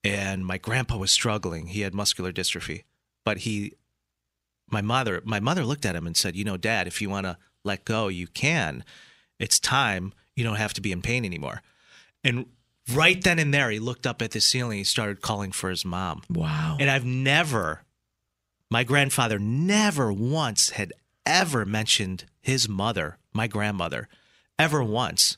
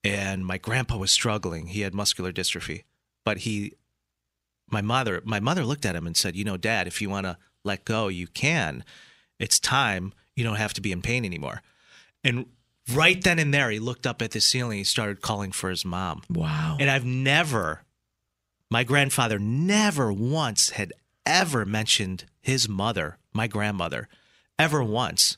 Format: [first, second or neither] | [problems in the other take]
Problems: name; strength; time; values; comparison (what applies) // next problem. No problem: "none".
neither | none